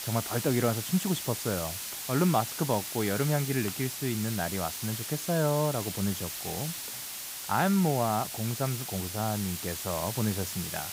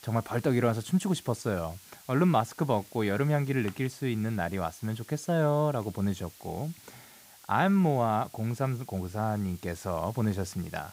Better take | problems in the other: second | hiss; loud; throughout; 4 dB below the speech; faint in the second

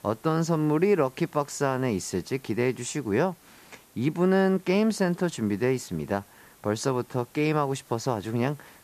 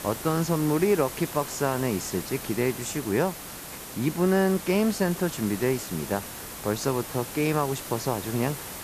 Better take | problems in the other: first | hiss; loud; throughout; 9 dB below the speech; faint in the first

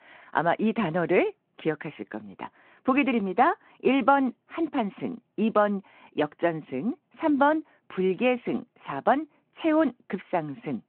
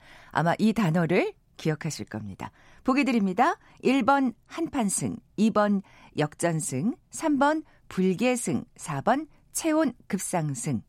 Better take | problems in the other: second | phone-call audio

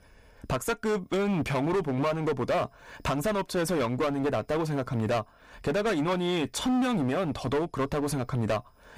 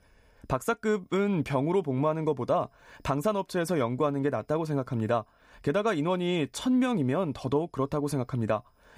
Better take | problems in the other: second | distortion; heavy; 20% of the sound clipped

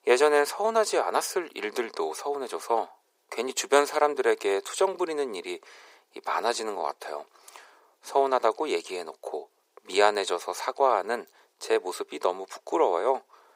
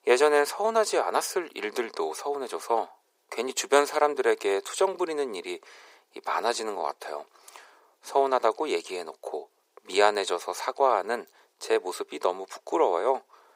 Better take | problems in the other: neither | thin; very; fading below 400 Hz; the same in both

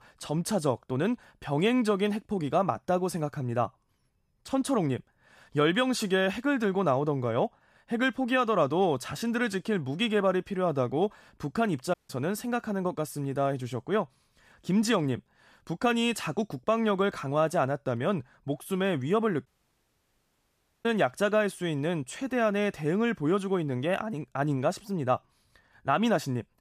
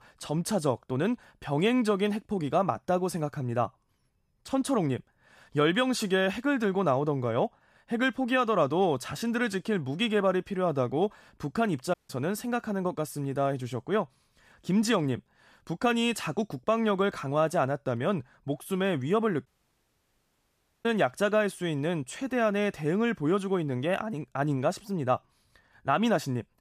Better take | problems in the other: neither | audio cutting out; at 12 s and at 19 s for 1.5 s; the same in both

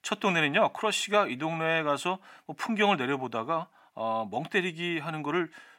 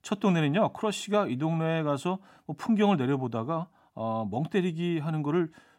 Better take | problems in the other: second | thin; somewhat; fading below 700 Hz

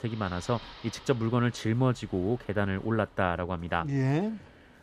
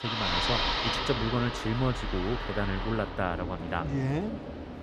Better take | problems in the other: first | traffic noise; loud; throughout; as loud as the speech; faint in the first

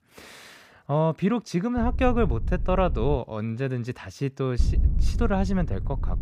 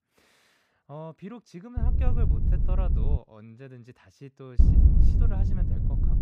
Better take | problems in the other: first | wind noise on the microphone; heavy; from 2 to 3 s and from 4.5 s on; 3 dB above the speech; occasional gusts in the first

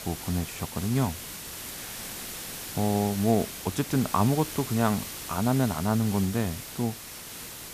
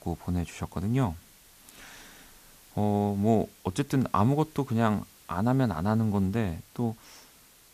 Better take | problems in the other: second | hiss; loud; throughout; 9 dB below the speech; faint in the second

